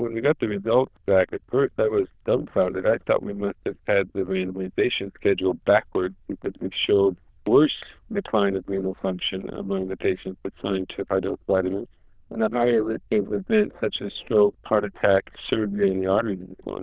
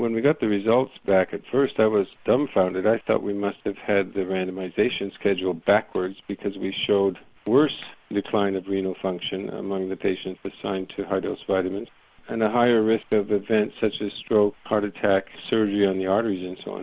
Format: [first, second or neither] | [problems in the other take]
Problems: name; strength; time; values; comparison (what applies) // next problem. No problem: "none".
second | noise reduction (neural diffusion model UNIVERSE++)